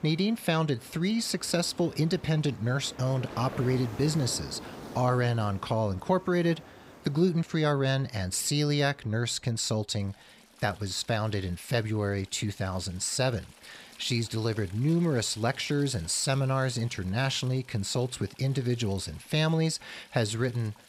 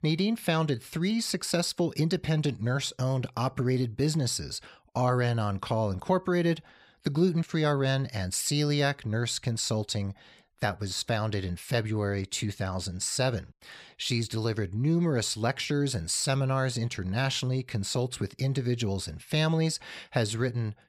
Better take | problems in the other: second | rain or running water; noticeable; throughout; 20 dB below the speech

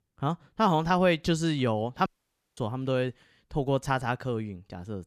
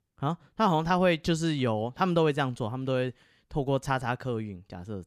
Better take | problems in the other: second | audio cutting out; at 2 s for 0.5 s

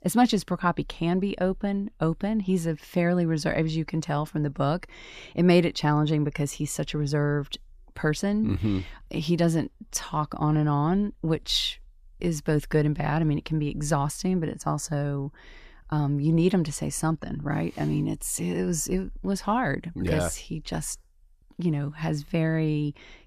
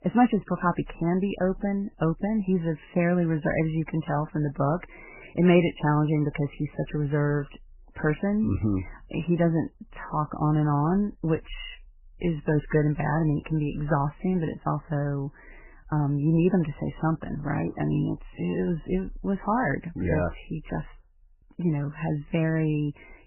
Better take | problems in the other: first | garbled, watery; badly; nothing above 3 kHz

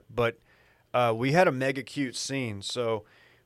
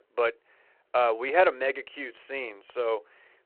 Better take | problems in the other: first | phone-call audio

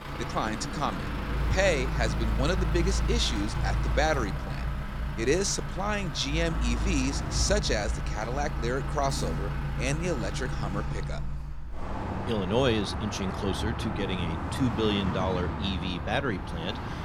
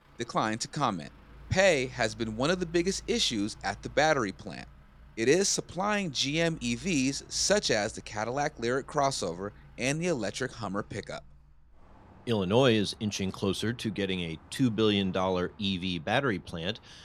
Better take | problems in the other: second | traffic noise; loud; throughout; 2 dB below the speech; faint in the second

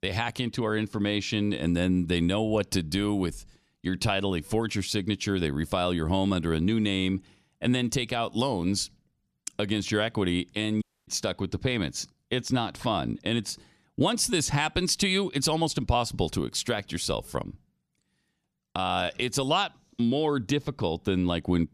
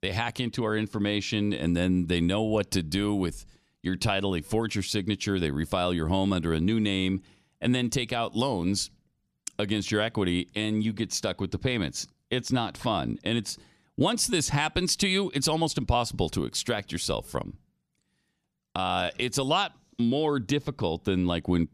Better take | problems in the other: second | audio cutting out; at 11 s

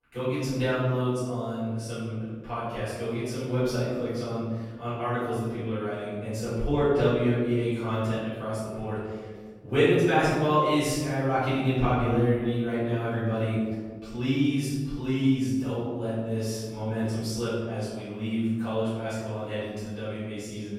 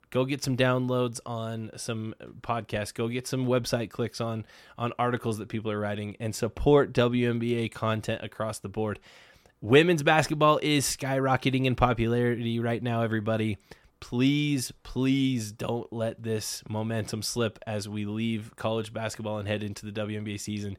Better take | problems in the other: second | off-mic speech; far // room echo; strong; dies away in 1.5 s

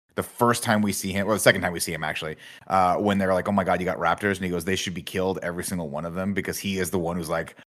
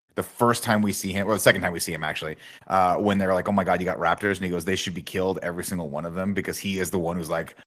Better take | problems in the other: first | garbled, watery; slightly; nothing above 14.5 kHz

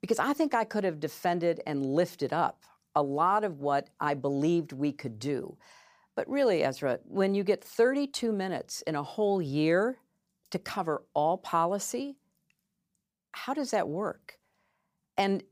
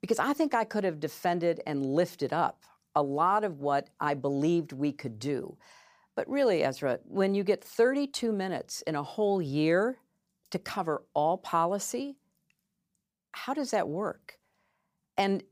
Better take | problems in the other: neither | none

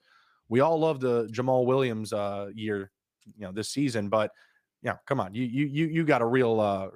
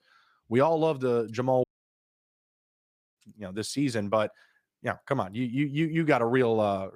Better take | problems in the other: first | audio cutting out; at 1.5 s for 1.5 s

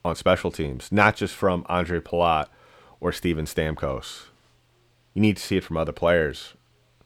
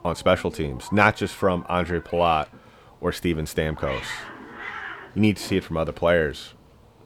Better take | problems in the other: first | hiss; noticeable; throughout; 15 dB below the speech

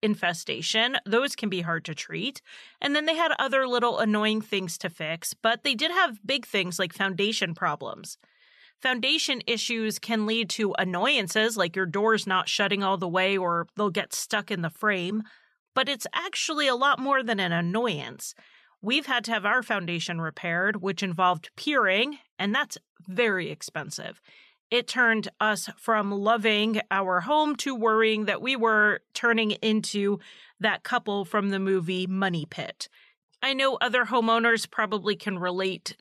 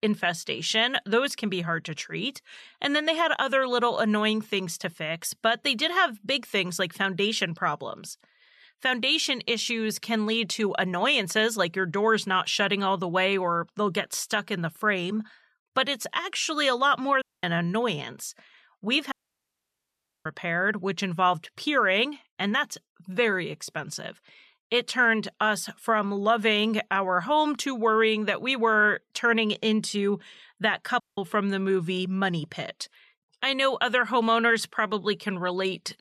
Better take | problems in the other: first | audio cutting out; at 17 s, at 19 s for 1 s and at 31 s

